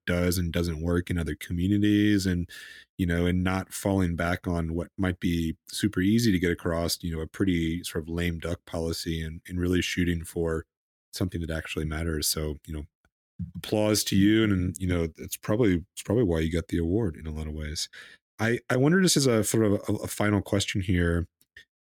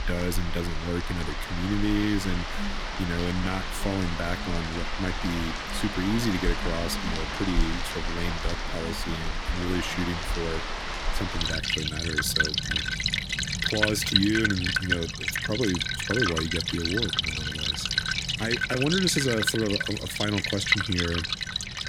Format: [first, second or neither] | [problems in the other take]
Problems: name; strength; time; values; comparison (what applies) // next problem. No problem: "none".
first | rain or running water; very loud; throughout; 2 dB above the speech